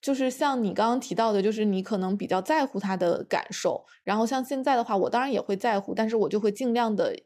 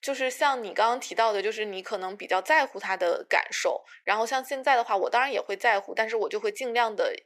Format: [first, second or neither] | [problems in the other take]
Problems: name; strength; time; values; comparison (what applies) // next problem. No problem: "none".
first | thin; very; fading below 450 Hz